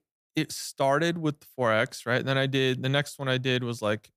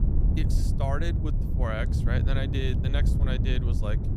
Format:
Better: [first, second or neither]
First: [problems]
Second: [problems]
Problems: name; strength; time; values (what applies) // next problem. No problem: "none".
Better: first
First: none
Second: wind noise on the microphone; heavy; 5 dB below the speech